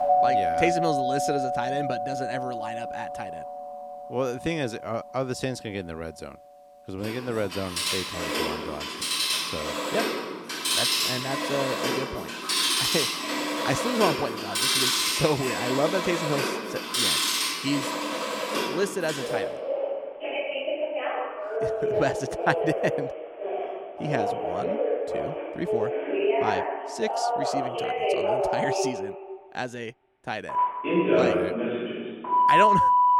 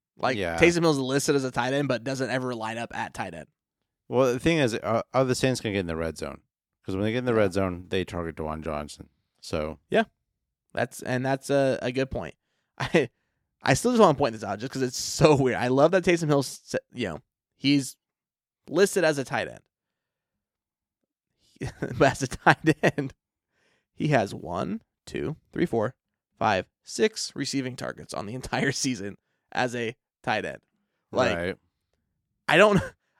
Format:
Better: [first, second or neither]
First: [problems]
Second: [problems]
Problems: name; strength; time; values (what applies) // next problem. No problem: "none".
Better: second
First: alarms or sirens; very loud; throughout; 5 dB above the speech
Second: none